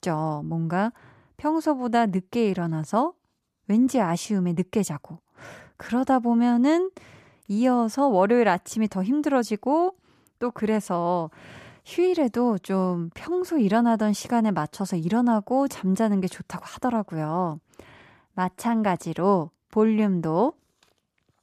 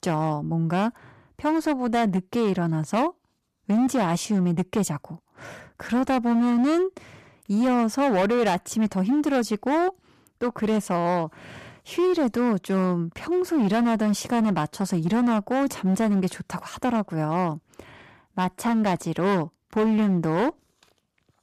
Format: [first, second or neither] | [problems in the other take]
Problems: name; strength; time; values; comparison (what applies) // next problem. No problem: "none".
first | distortion; slight; 13% of the sound clipped